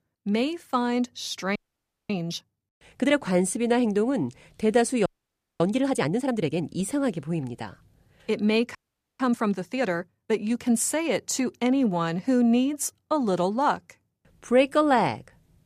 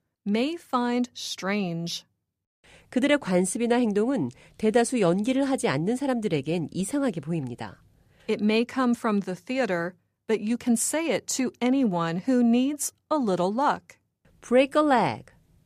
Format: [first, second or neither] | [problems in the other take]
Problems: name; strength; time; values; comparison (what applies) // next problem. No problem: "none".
second | audio freezing; at 1.5 s for 0.5 s, at 5 s for 0.5 s and at 9 s